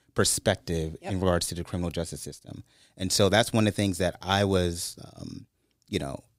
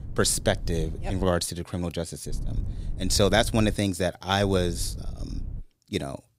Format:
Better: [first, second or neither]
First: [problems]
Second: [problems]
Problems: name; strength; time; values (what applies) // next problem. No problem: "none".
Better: first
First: none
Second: low rumble; faint; until 1.5 s, from 2.5 to 4 s and from 4.5 to 5.5 s; 25 dB below the speech